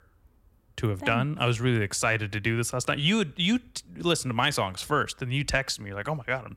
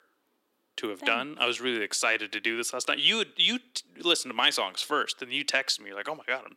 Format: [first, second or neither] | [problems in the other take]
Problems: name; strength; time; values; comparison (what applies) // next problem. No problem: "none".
first | thin; somewhat; fading below 300 Hz